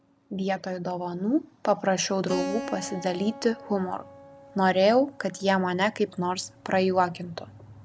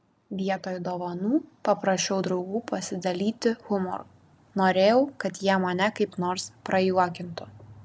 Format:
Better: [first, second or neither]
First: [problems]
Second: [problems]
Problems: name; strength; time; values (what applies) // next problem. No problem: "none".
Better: second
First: background sound (Keyboard (musical)); 15 dB below the speech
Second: none